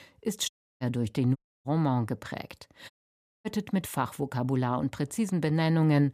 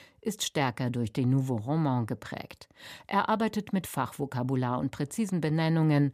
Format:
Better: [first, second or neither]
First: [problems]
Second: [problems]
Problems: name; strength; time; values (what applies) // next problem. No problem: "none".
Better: second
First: audio cutting out; at 0.5 s, at 1.5 s and at 3 s for 0.5 s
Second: none